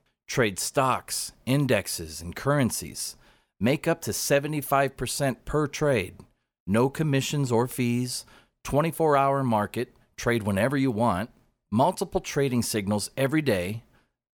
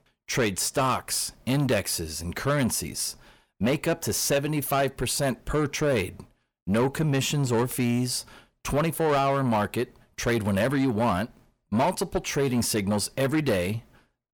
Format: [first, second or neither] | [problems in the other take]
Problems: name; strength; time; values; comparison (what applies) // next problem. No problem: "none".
first | distortion; slight; 10 dB below the speech